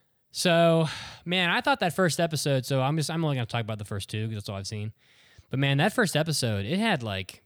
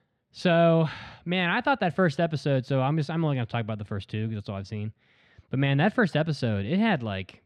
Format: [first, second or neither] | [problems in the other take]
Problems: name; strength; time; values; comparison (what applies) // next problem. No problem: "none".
first | muffled; slightly; fading above 2.5 kHz